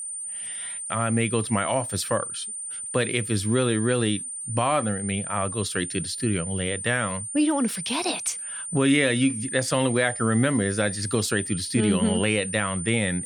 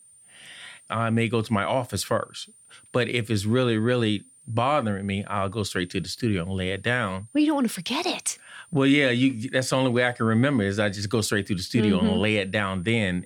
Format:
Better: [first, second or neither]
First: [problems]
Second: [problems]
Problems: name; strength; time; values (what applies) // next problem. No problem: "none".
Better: second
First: high-pitched whine; loud; throughout; 9 kHz, 6 dB below the speech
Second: high-pitched whine; faint; throughout; 9 kHz, 25 dB below the speech